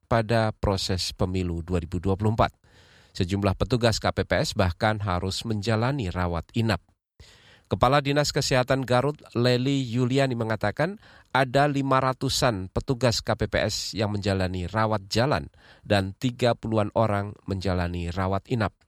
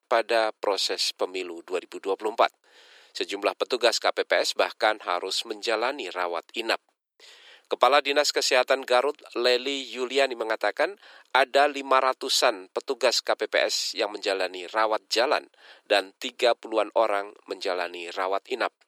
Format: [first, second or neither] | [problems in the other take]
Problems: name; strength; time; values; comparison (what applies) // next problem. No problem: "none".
first | thin; very; fading below 350 Hz